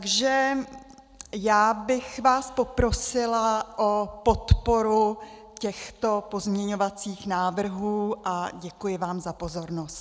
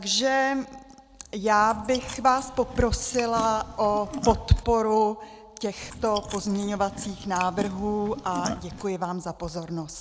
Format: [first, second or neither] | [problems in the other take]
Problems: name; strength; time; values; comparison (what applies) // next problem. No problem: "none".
first | background sound (Chewing, mastication); 11 dB below the speech